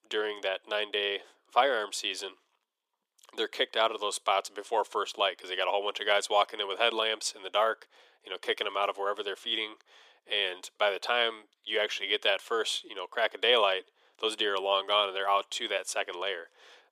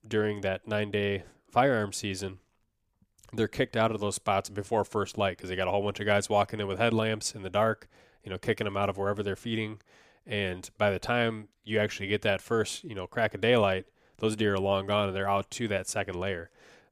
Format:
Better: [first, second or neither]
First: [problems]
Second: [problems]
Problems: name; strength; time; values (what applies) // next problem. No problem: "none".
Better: second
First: thin; very; fading below 400 Hz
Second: none